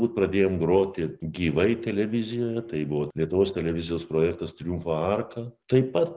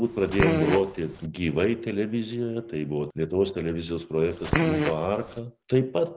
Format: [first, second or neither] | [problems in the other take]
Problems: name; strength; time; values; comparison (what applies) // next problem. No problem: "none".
first | background sound (Fart); 1 dB below the speech